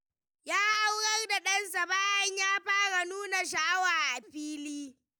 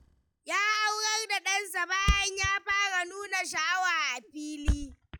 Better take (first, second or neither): first